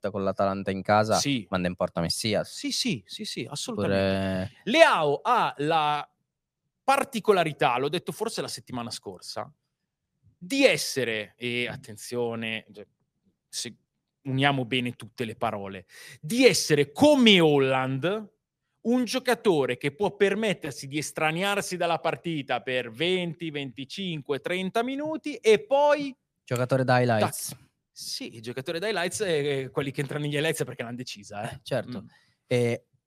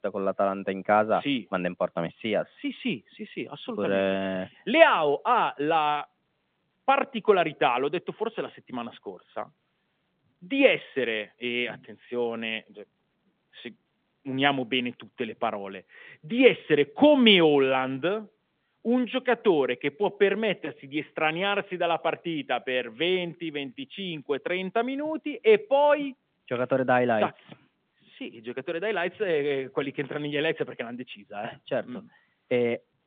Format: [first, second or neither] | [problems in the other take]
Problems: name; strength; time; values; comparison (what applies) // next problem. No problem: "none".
first | phone-call audio; nothing above 3.5 kHz